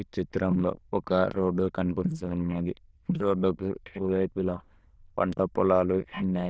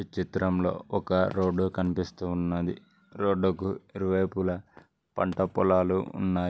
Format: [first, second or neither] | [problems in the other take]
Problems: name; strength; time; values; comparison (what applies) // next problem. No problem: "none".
second | noise reduction (neural diffusion model UNIVERSE++)